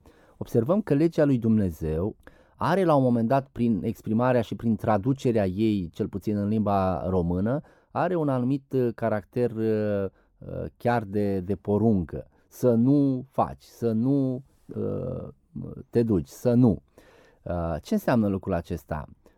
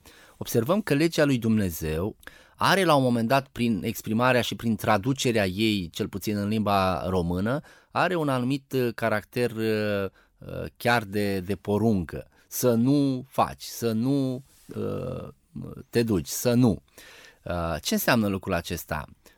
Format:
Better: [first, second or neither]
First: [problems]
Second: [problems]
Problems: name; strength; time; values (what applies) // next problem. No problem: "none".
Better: second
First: muffled; slightly; fading above 1.5 kHz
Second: none